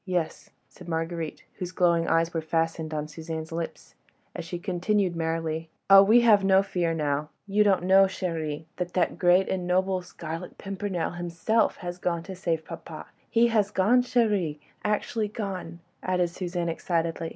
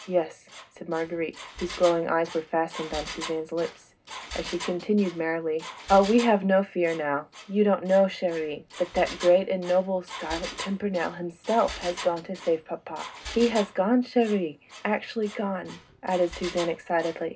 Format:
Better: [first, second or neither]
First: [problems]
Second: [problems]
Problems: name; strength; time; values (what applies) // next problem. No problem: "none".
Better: first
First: none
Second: background sound (Engine); 15 dB below the speech // room echo; dies away in 0.2 s